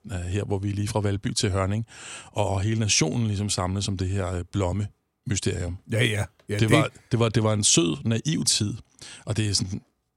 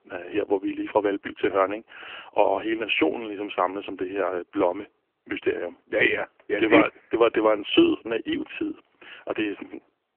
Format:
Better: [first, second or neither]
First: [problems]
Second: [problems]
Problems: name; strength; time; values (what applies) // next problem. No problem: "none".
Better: first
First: none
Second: phone-call audio; poor line; nothing above 3 kHz